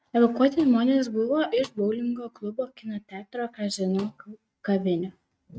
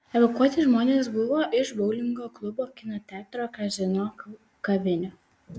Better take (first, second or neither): second